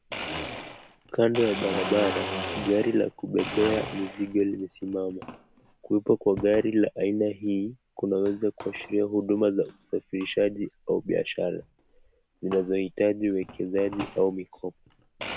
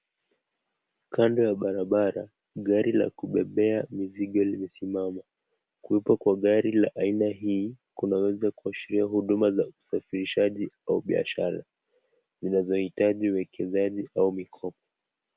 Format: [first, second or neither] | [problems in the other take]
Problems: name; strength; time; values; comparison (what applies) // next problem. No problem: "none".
second | background sound (Domestic sounds, home sounds); 12 dB below the speech